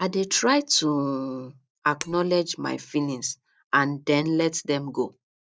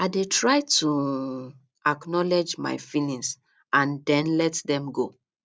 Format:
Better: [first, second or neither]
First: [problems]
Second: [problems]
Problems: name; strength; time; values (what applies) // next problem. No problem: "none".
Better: second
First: noise reduction (neural mask model DeepFilterNet 3)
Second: none